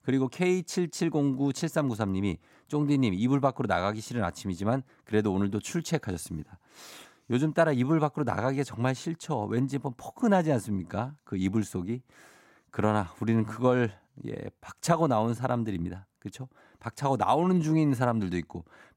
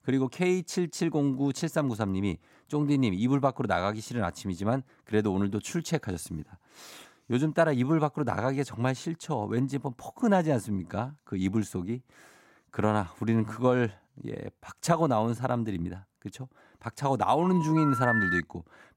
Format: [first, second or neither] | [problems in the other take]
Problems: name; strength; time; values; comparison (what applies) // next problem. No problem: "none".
first | phone ringing; loud; from 17 to 18 s; peak 2 dB above the speech